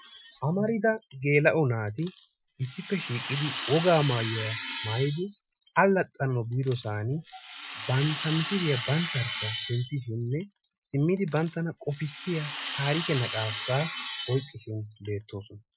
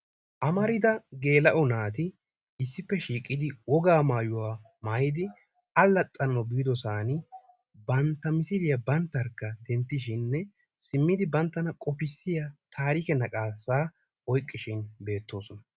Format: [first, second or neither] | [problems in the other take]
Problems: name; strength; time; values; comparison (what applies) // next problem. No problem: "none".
second | noise reduction (classical method Wiener filter)